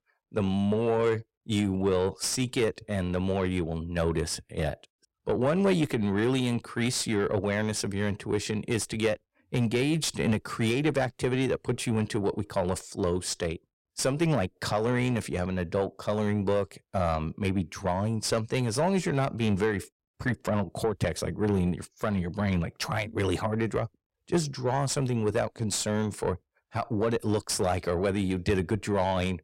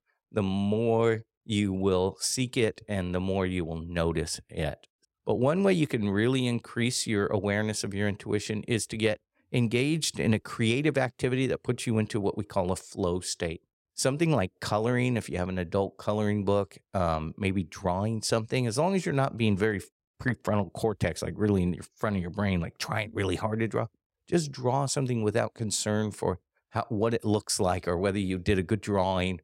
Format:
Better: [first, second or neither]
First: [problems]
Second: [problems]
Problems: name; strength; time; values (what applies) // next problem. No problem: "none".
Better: second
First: distortion; slight; 10 dB below the speech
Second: none